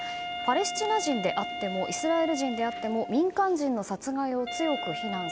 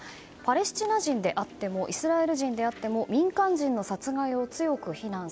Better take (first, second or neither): second